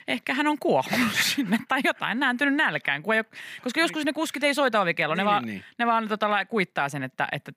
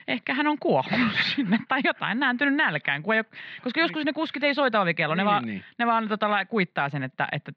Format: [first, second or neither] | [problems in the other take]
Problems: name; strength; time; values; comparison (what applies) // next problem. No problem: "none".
first | muffled; very slightly; fading above 4 kHz